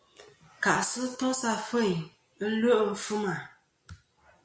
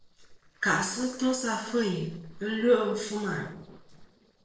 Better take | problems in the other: first | noise reduction (neural separator model SepFormer DNS4)

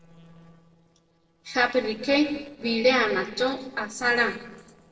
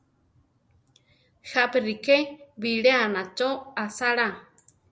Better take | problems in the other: second | noise reduction (neural separator model SepFormer DNS4)

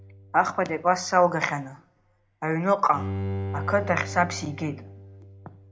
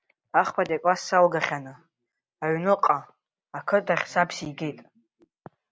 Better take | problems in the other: second | background sound (Bowed string instrument); 10 dB below the speech // room echo; dies away in 0.3 s

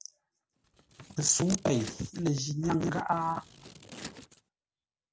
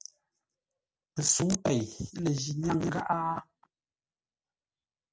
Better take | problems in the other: second | background sound (Scissors); 17 dB below the speech

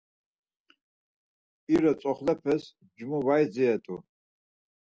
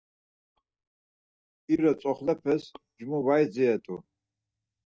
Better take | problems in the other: first | noise reduction (neural mask model DeepFilterNet 3)

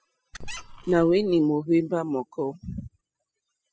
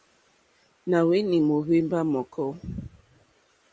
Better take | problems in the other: second | noise reduction (classical method spectral subtraction)

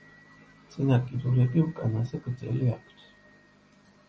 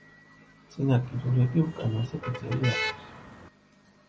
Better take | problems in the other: first | background sound (Motor vehicle (road)); 8 dB below the speech

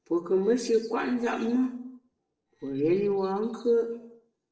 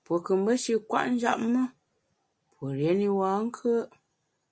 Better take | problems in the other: second | noise reduction (neural separator model SepFormer DNS4)

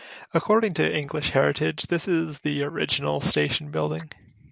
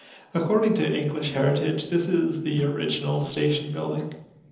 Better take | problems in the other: first | noise reduction (neural separator model SepFormer DNS4)

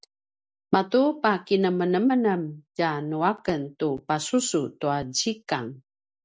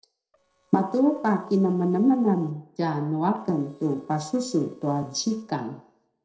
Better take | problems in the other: first | noise reduction (neural separator model SepFormer DNS4)

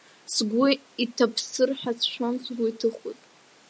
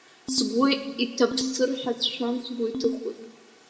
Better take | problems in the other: first | background sound (Ringtone); 8 dB below the speech // room echo; dies away in 1.1 s

